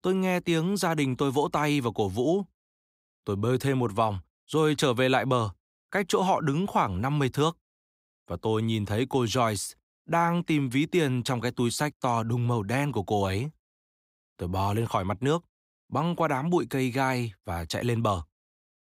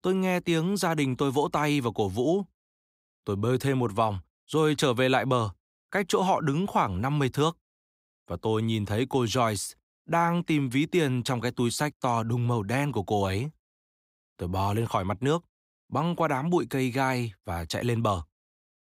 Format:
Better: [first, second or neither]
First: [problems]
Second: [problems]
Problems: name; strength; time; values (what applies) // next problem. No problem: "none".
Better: neither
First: none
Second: none